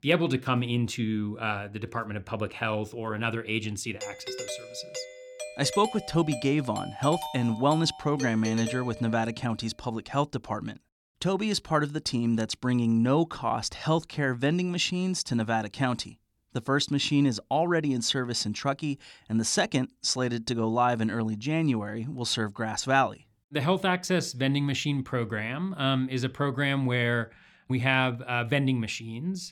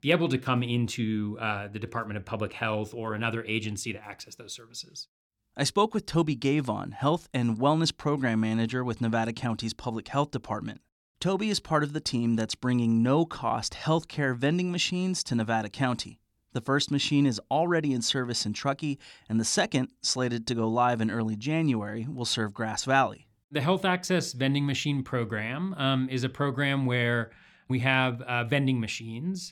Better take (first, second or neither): second